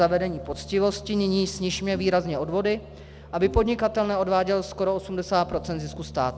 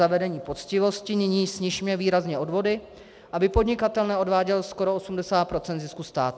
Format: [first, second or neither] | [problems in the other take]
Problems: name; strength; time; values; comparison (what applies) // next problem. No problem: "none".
second | background sound (Bass guitar + Bowed string instrument); 17 dB below the speech